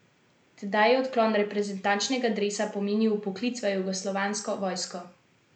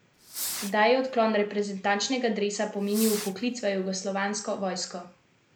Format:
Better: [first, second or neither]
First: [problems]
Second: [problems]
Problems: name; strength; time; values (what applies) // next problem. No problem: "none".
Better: first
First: none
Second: background sound (Fireworks); 13 dB below the speech